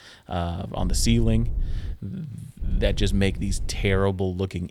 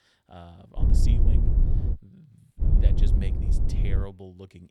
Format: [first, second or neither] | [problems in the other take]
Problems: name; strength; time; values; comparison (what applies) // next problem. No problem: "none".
first | wind noise on the microphone; heavy; from 1 to 2 s and from 2.5 to 4 s; 3 dB above the speech; occasional gusts in the first